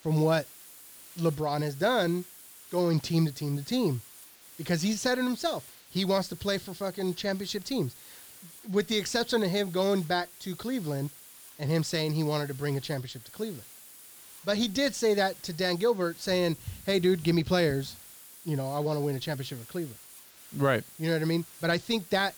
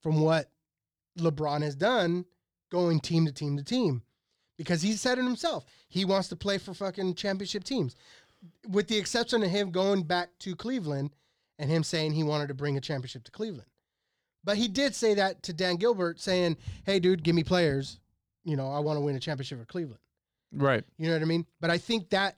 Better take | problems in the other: second | hiss; noticeable; throughout; 20 dB below the speech

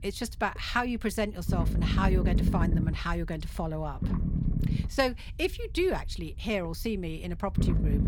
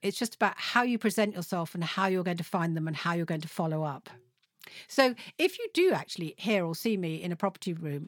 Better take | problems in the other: second | low rumble; loud; throughout; 7 dB below the speech

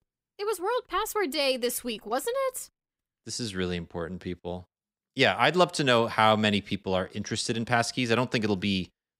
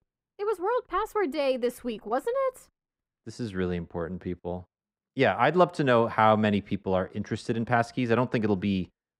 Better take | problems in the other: first | muffled; slightly; fading above 2.5 kHz

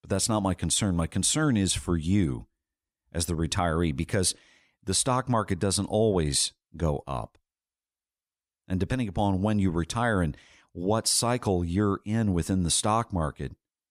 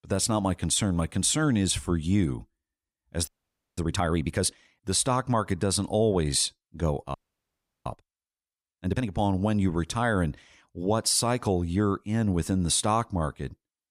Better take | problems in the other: first | audio freezing; at 3.5 s and at 7 s for 0.5 s

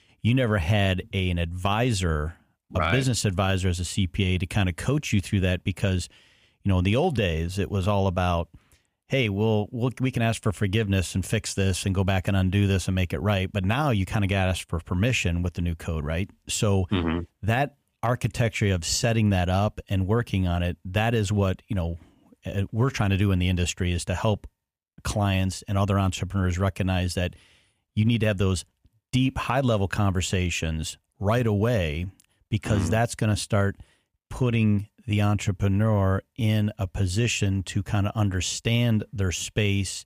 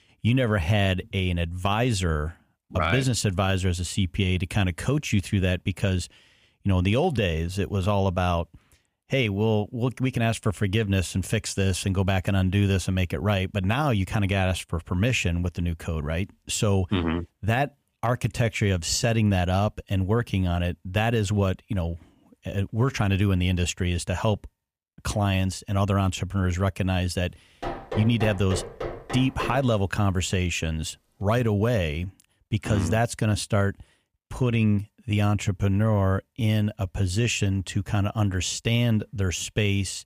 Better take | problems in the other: first | door banging; noticeable; from 28 to 30 s; peak 8 dB below the speech

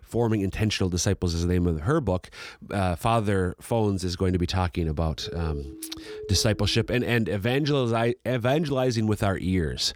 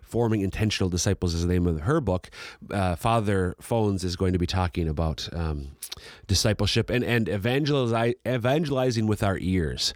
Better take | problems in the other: second | siren; faint; from 5 to 7 s; peak 15 dB below the speech

